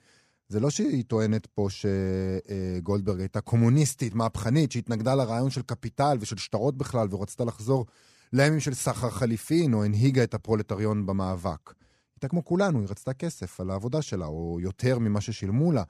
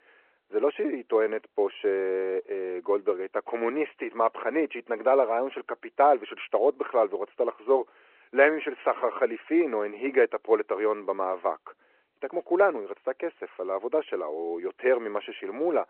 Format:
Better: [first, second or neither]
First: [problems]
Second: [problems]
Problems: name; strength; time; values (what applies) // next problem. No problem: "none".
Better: first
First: none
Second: phone-call audio